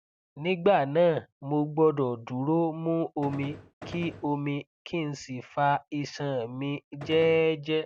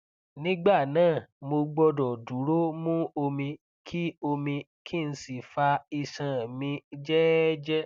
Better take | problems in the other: second | background sound (Gunshot, gunfire); 15 dB below the speech

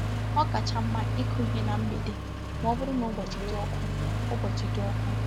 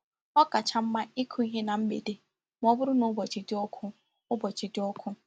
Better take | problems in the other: second | background sound (Accelerating, revving, vroom); 5 dB above the speech

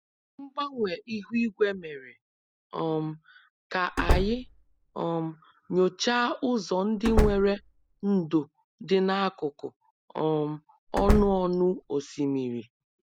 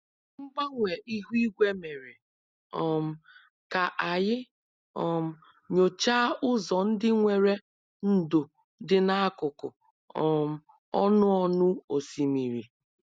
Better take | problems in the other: second | background sound (Slam); as loud as the speech

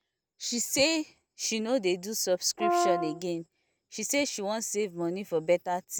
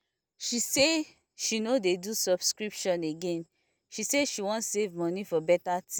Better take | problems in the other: second | background sound (Brass instrument); 1 dB above the speech

